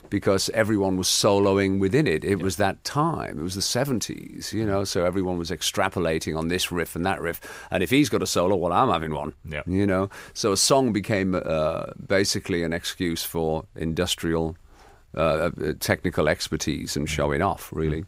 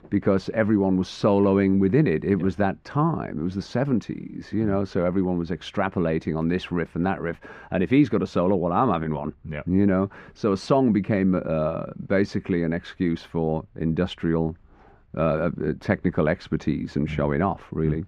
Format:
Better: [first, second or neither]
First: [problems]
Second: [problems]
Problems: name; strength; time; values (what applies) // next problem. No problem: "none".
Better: first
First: none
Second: muffled; very; fading above 2 kHz